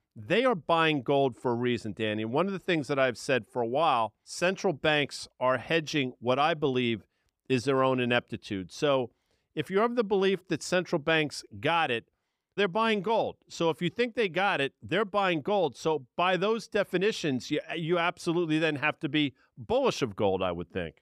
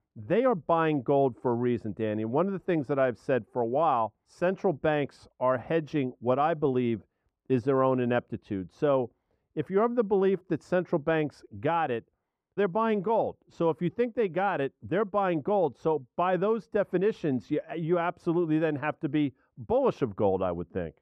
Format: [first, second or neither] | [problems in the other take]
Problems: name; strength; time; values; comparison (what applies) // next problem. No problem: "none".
first | muffled; very; fading above 2 kHz